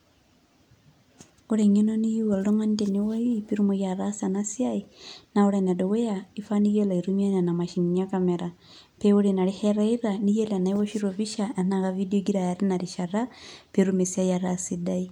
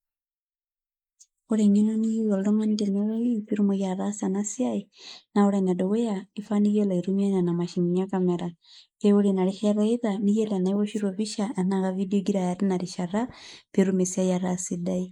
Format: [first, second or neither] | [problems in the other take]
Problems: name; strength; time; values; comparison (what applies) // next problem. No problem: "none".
first | noise reduction (neural mask model Resemble Enhance denoiser)